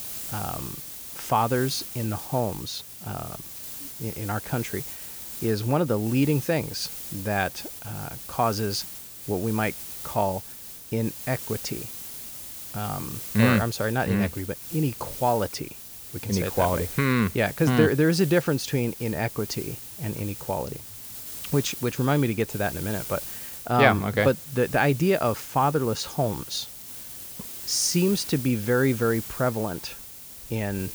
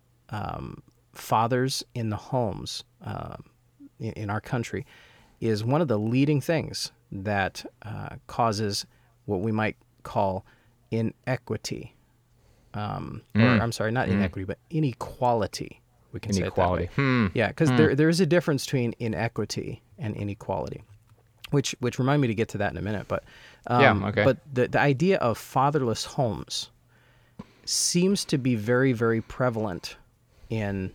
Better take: second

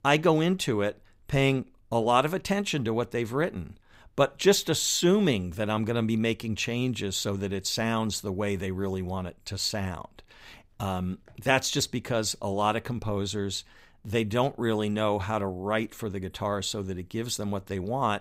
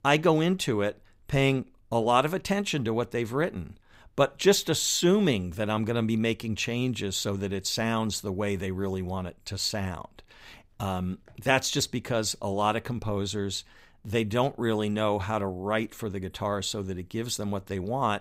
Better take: neither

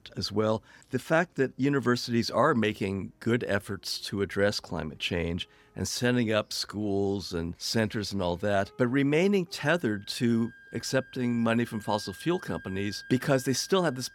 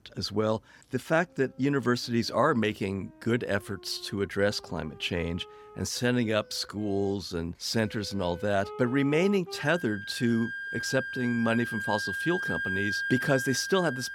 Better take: first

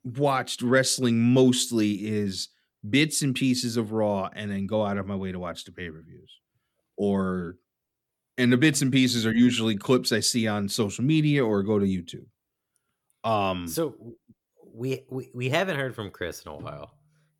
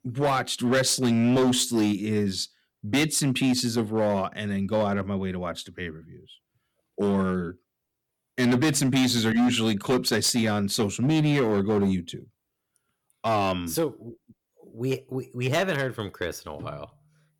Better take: first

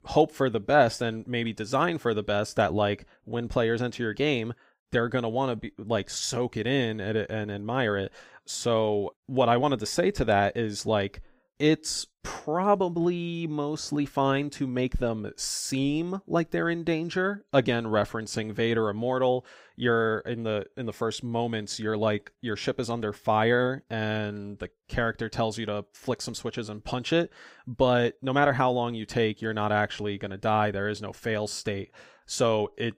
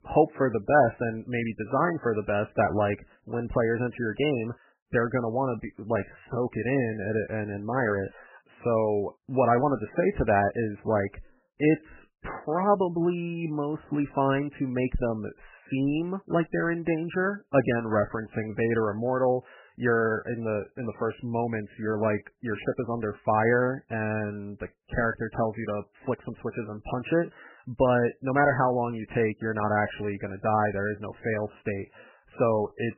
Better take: first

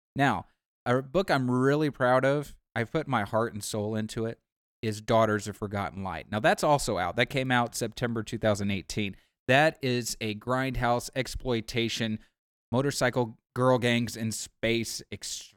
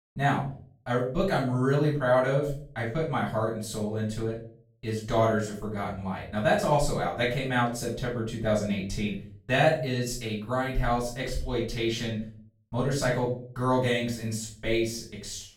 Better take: first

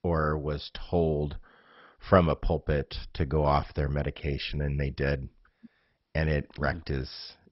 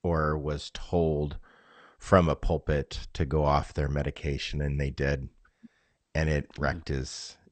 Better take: second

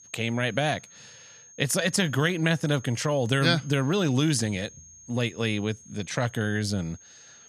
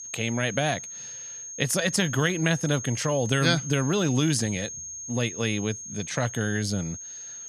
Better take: first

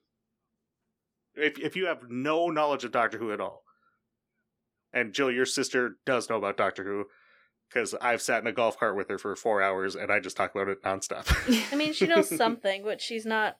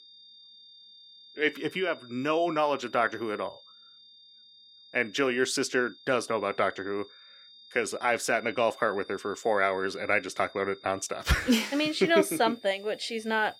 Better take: first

